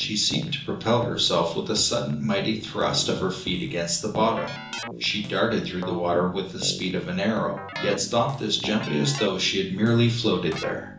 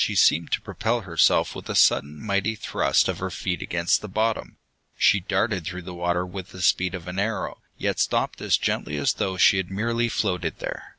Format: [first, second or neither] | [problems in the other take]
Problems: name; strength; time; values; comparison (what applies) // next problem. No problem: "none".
second | background sound (Keyboard (musical)); 12 dB below the speech // room echo; dies away in 0.7 s